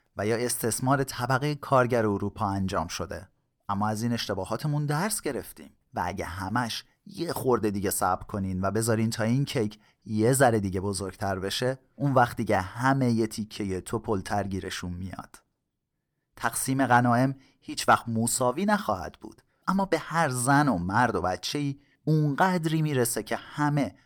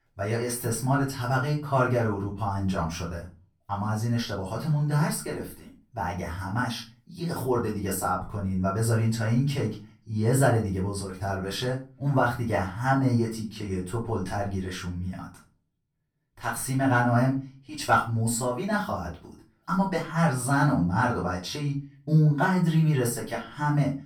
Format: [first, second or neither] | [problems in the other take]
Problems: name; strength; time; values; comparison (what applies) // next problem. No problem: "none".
first | room echo; slight; dies away in 0.3 s // off-mic speech; far